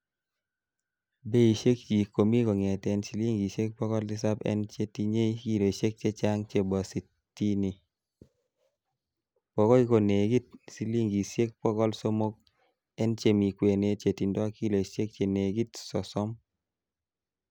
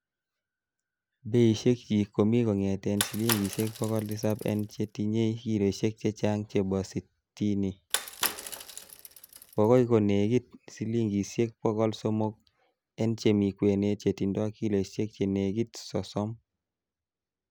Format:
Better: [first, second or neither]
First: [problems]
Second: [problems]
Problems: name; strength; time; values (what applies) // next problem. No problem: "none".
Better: first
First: none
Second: background sound (Bicycle); 8 dB below the speech